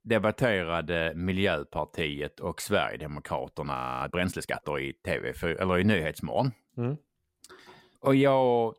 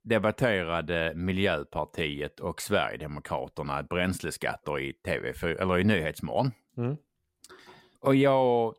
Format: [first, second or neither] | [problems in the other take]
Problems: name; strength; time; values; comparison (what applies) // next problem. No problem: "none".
second | audio freezing; at 3.5 s